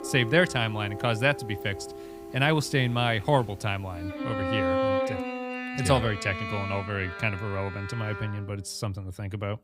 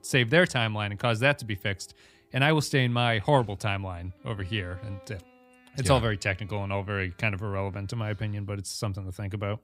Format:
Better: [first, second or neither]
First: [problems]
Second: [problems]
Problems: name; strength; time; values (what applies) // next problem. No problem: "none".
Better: second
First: background music; loud; throughout; 6 dB below the speech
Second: background music; faint; throughout; 30 dB below the speech